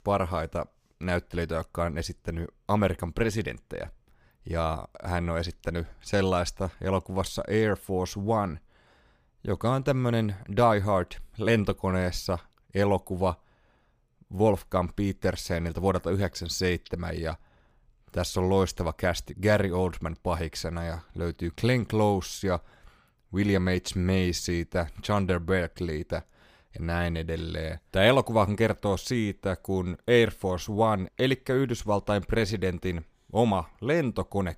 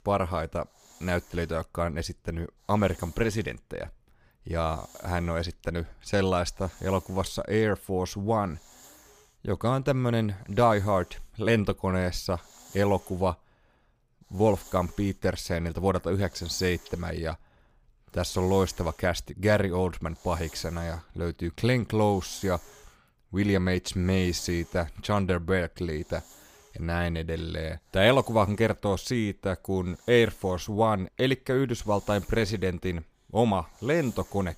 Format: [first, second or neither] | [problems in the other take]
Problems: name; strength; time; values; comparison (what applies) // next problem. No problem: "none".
first | hiss; faint; throughout; 25 dB below the speech